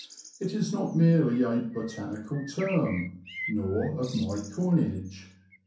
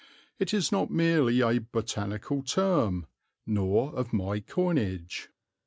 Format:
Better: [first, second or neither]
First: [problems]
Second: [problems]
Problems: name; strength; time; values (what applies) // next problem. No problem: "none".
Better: second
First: background sound (Bird); 17 dB below the speech // room echo; dies away in 0.6 s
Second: none